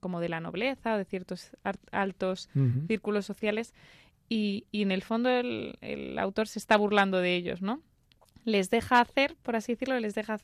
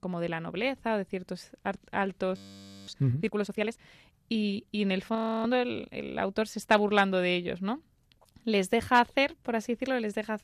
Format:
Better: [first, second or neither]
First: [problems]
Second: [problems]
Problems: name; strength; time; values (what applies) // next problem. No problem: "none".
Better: first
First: none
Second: audio freezing; at 2.5 s for 0.5 s and at 5 s